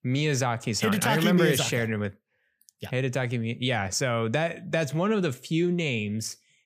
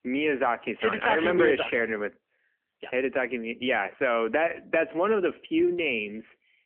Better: first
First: none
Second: phone-call audio; nothing above 3 kHz

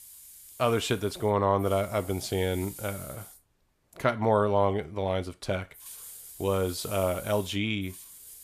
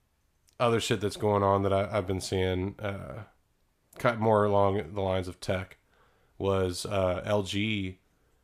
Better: second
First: hiss; noticeable; until 3.5 s and from 5.5 s on; 15 dB below the speech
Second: none

